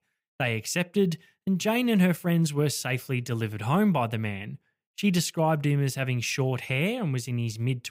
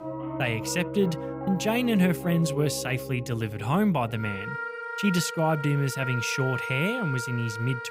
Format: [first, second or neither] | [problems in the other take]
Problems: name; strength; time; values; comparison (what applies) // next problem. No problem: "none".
first | background music; loud; throughout; 7 dB below the speech